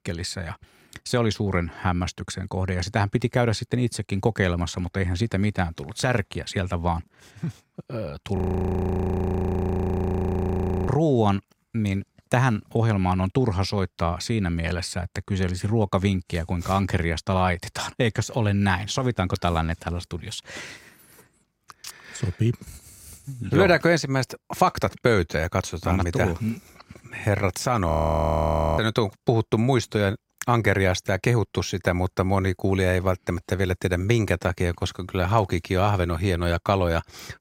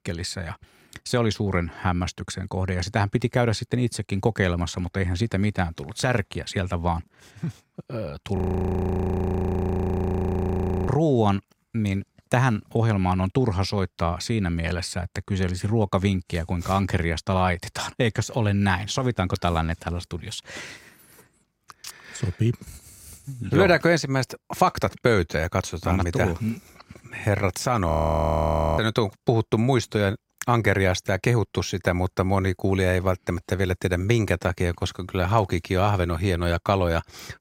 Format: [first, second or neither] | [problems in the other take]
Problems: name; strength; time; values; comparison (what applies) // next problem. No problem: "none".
neither | audio freezing; at 8.5 s for 2.5 s and at 28 s for 1 s; the same in both